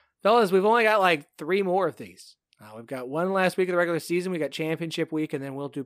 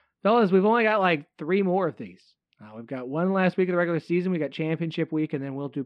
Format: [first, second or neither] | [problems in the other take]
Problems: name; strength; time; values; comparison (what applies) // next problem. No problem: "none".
first | muffled; very slightly; fading above 3 kHz